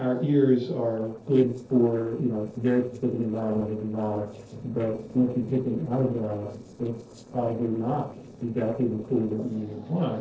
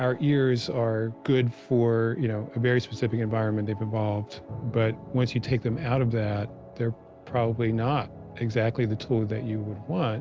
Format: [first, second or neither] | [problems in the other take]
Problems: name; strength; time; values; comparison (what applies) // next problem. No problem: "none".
second | noise reduction (neural separator model SepFormer DNS4)